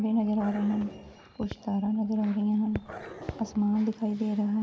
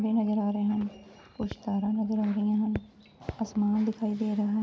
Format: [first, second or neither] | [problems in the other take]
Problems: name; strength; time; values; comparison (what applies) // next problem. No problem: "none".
second | background sound (Growling); 16 dB below the speech